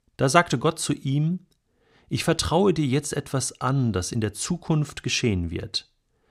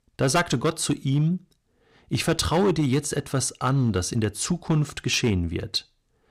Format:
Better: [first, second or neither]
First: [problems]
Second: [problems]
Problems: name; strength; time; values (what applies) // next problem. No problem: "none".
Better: first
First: none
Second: distortion; slight; 5% of the sound clipped